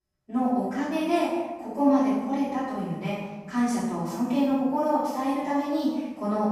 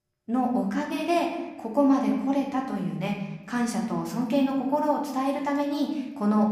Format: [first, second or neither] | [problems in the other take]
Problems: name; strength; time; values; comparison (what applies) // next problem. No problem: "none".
second | room echo; strong; dies away in 1 s; slight in the second // off-mic speech; far; somewhat distant in the second